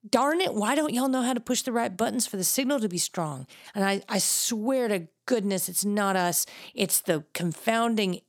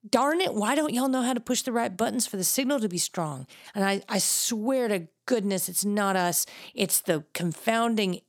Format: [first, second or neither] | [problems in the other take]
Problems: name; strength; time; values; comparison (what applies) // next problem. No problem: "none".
neither | none